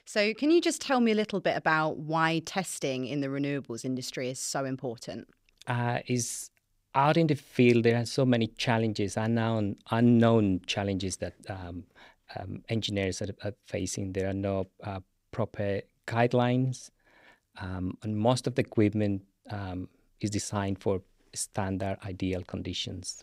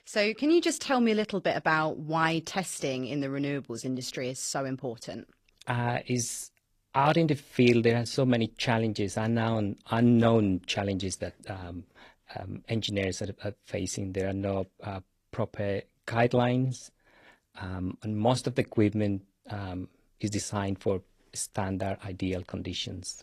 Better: first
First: none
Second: garbled, watery; slightly

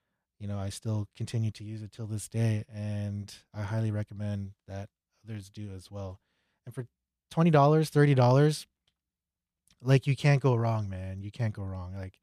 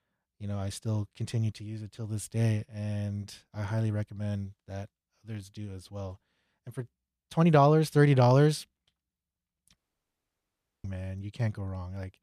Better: first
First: none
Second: audio cutting out; at 10 s for 1 s

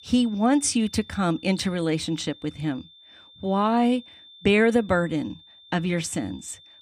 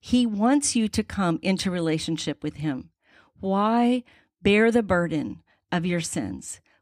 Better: second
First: high-pitched whine; faint; throughout; 3.5 kHz, 25 dB below the speech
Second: none

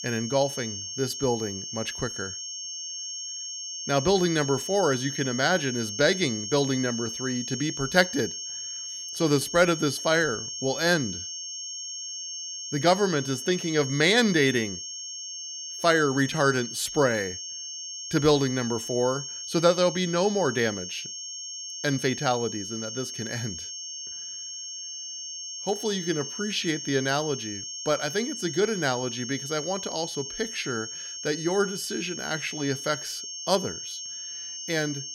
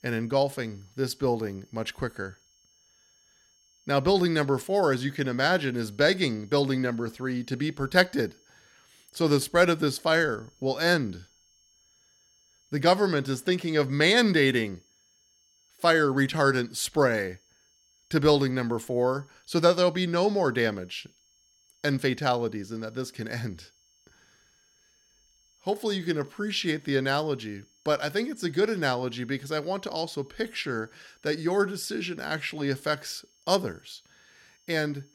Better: second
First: high-pitched whine; loud; throughout; 6.5 kHz, 7 dB below the speech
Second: high-pitched whine; faint; throughout; 6.5 kHz, 35 dB below the speech

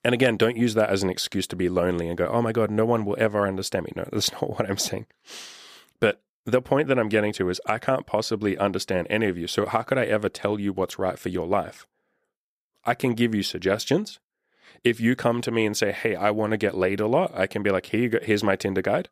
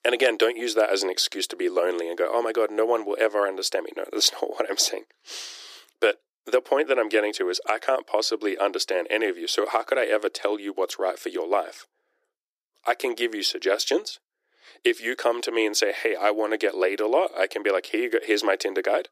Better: first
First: none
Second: thin; very; fading below 300 Hz

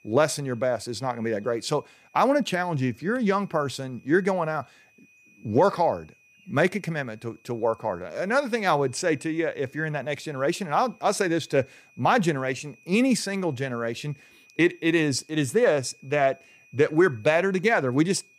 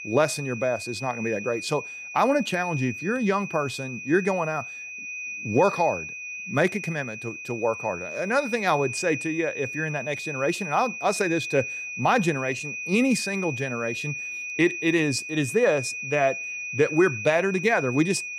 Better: first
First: high-pitched whine; faint; throughout; 2.5 kHz, 30 dB below the speech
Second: high-pitched whine; loud; throughout; 2.5 kHz, 7 dB below the speech

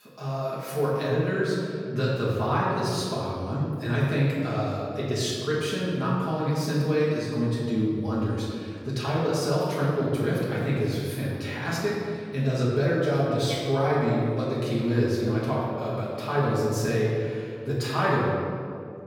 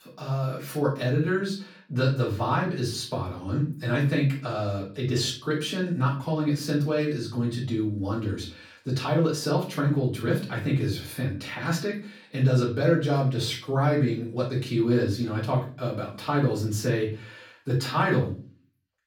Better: second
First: room echo; strong; dies away in 2.1 s // off-mic speech; far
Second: room echo; slight; dies away in 0.4 s // off-mic speech; far

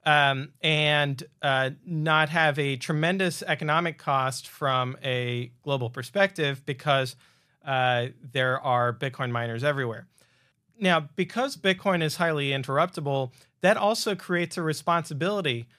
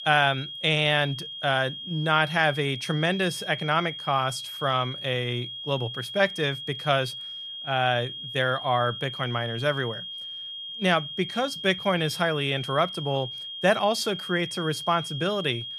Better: first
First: none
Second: high-pitched whine; loud; throughout; 3.5 kHz, 8 dB below the speech

